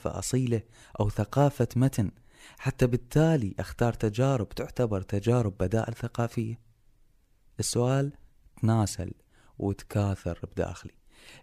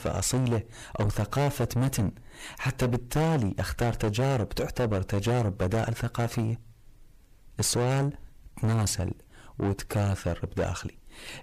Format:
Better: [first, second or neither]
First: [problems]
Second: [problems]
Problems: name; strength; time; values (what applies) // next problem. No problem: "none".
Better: first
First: none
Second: distortion; heavy; 5 dB below the speech